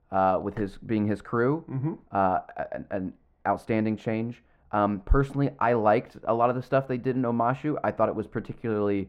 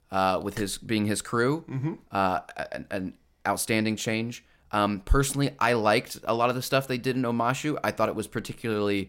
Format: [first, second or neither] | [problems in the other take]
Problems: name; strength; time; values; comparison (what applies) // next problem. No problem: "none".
second | muffled; very; fading above 3 kHz